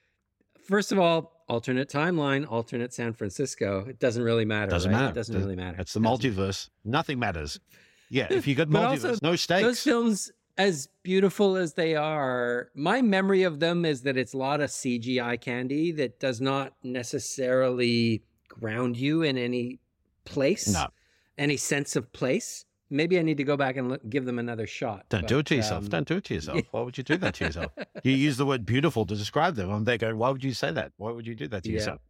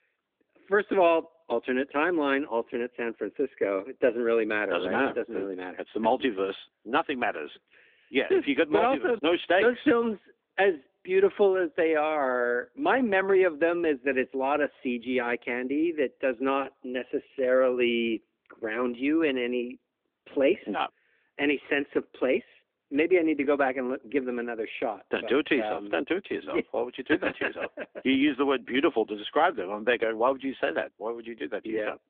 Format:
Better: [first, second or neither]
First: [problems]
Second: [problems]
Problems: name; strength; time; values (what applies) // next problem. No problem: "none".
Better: first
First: none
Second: phone-call audio; nothing above 3.5 kHz